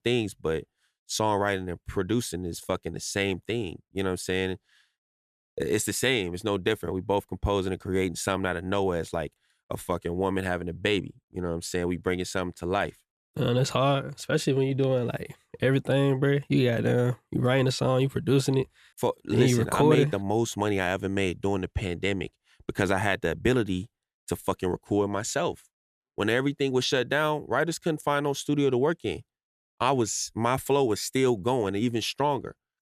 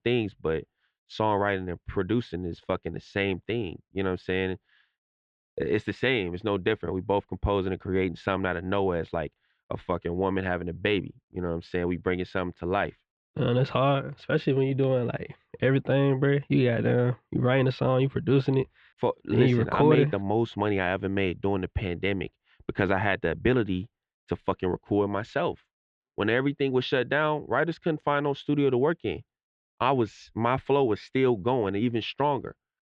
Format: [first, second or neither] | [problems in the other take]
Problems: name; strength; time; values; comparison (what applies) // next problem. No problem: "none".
first | muffled; very; fading above 3 kHz